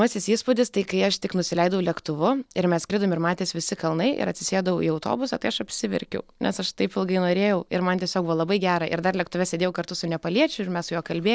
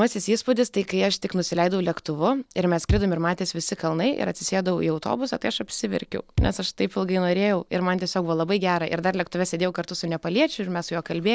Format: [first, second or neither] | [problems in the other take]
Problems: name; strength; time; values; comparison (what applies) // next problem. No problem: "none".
first | background sound (Bass drum); 2 dB below the speech